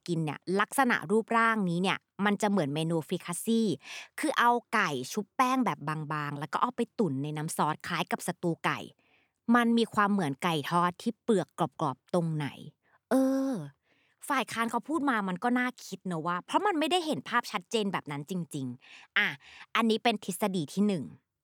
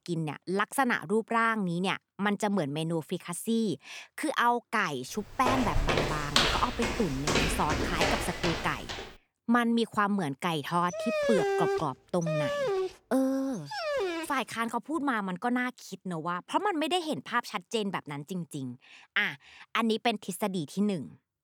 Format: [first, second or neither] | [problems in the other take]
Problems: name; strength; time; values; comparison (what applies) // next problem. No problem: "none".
first | footsteps; loud; from 5.5 to 9 s; peak 6 dB above the speech // dog barking; loud; from 11 to 14 s; peak 3 dB above the speech